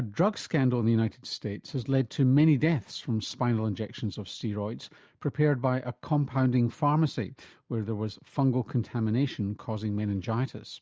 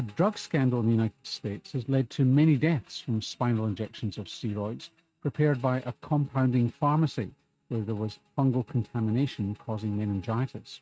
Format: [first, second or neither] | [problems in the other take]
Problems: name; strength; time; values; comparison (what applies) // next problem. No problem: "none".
first | noise reduction (neural mask model RNNoise)